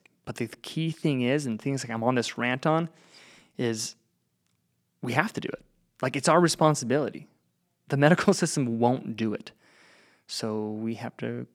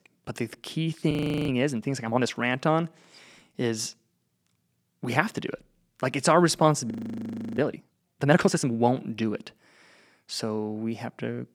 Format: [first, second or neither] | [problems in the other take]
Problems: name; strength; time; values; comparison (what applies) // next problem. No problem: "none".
first | audio freezing; at 1 s and at 7 s for 0.5 s